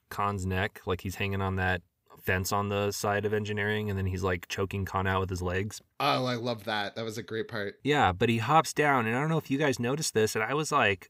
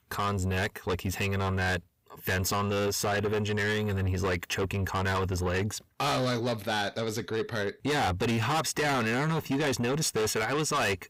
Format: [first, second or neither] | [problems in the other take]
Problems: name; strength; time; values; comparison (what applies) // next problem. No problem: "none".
first | distortion; heavy; 6 dB below the speech